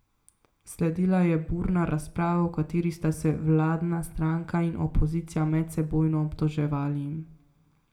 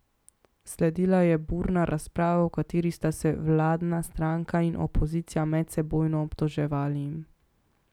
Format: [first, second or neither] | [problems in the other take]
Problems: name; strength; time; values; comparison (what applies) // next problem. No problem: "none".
second | room echo; dies away in 0.4 s